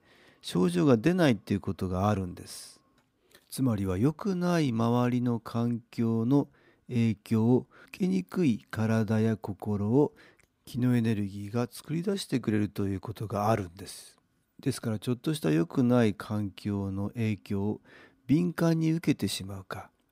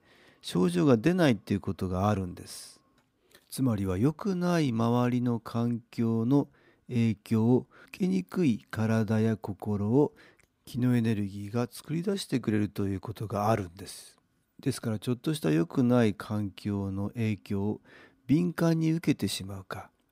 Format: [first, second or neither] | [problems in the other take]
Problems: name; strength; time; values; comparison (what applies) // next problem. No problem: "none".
neither | none